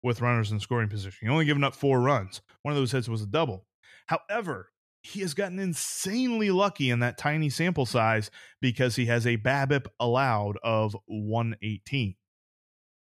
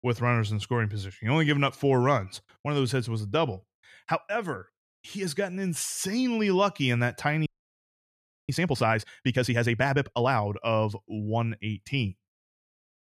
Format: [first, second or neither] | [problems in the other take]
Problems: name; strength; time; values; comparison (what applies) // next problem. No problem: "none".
first | audio freezing; at 7.5 s for 1 s